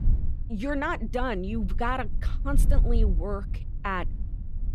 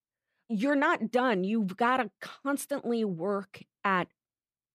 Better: second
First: low rumble; noticeable; throughout; 20 dB below the speech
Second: none

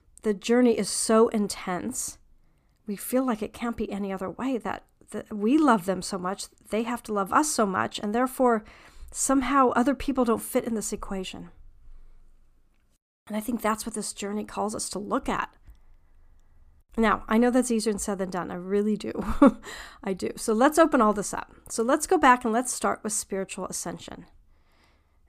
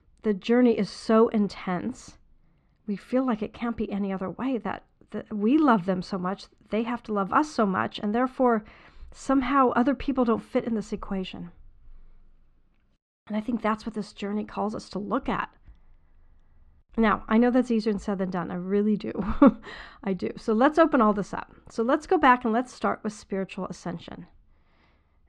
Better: first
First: none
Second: muffled; slightly; fading above 4 kHz

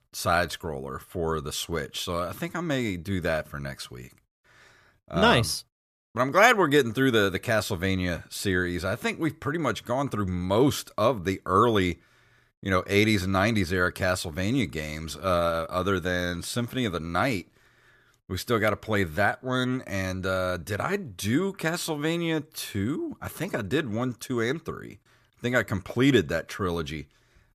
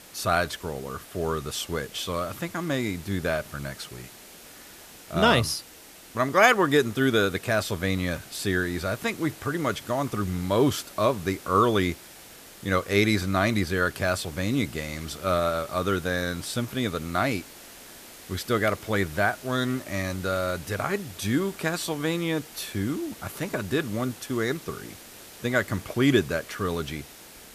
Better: first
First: none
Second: hiss; noticeable; throughout; 20 dB below the speech

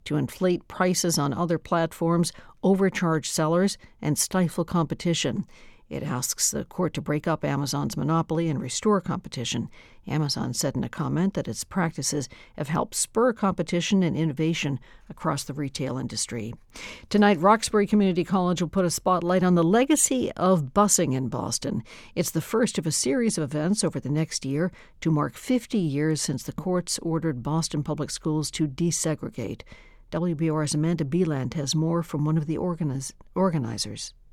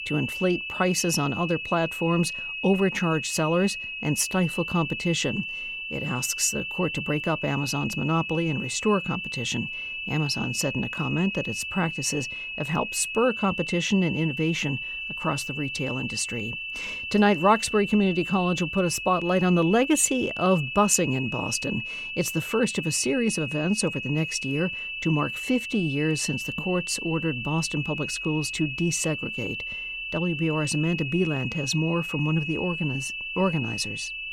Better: first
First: none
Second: high-pitched whine; loud; throughout; 2.5 kHz, 5 dB below the speech

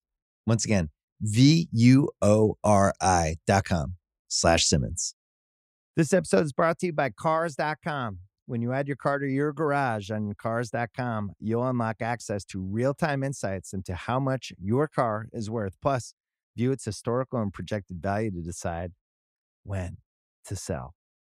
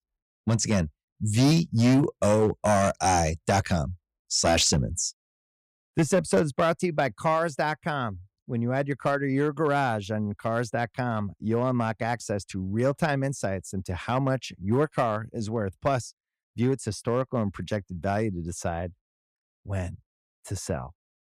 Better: first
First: none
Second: distortion; slight; 3% of the sound clipped

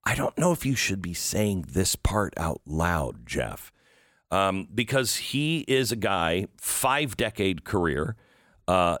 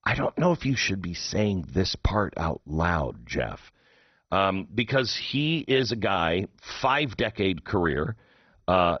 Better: first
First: none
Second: garbled, watery; badly; nothing above 6 kHz

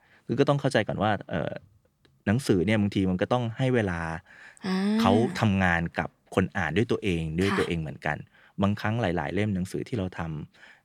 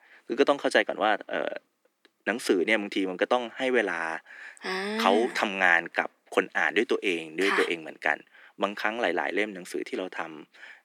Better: first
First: none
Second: thin; somewhat; fading below 300 Hz

